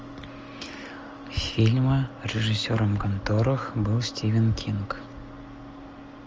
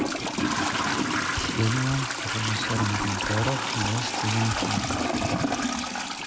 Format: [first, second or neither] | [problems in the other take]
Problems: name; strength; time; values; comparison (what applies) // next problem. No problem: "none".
first | background sound (Trickle, dribble / Toilet flush); 3 dB above the speech